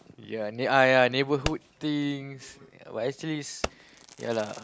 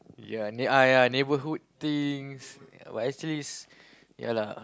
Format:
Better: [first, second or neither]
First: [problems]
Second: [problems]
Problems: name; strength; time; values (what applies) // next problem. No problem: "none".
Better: second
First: background sound (Fireworks); 14 dB below the speech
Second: none